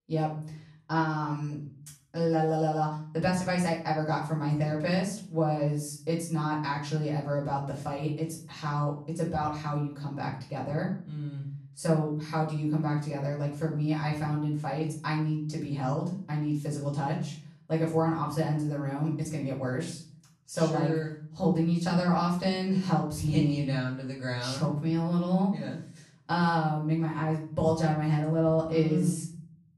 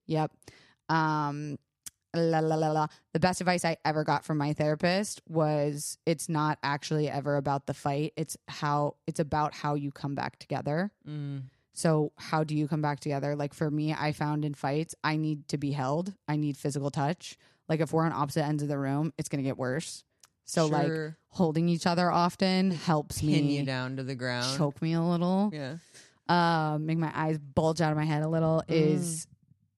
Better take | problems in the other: second | room echo; slight; dies away in 0.5 s // off-mic speech; far

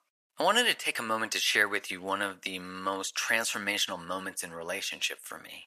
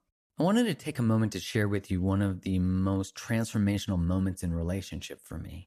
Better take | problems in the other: second | thin; very; fading below 800 Hz

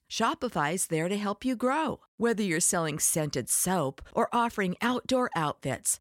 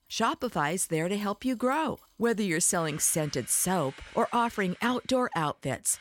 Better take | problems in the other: first | machinery noise; faint; throughout; 25 dB below the speech

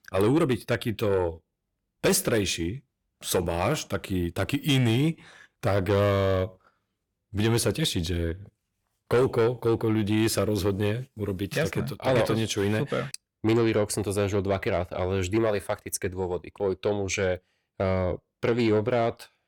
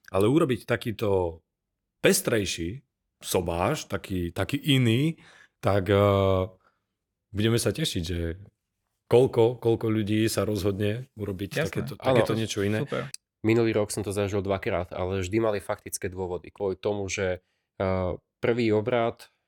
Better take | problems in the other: second | distortion; slight; 10 dB below the speech

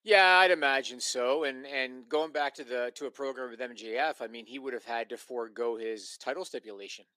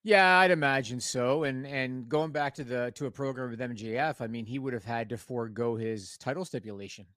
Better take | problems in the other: second | thin; somewhat; fading below 350 Hz

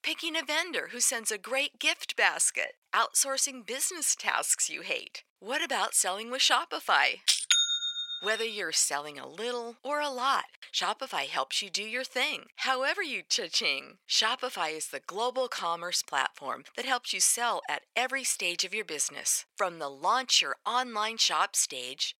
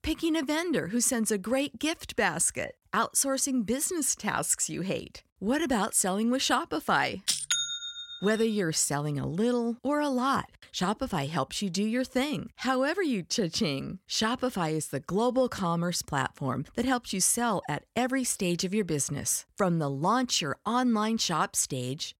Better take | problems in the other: second | thin; very; fading below 650 Hz

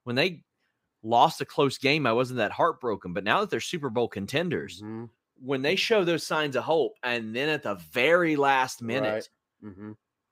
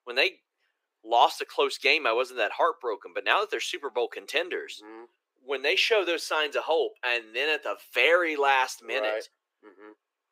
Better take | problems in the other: first | thin; very; fading below 350 Hz

